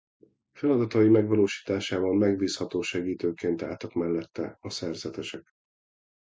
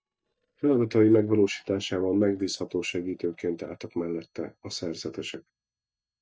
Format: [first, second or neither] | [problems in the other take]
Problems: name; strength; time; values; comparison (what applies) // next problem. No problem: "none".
first | noise reduction (neural mask model DeepFilterNet 3)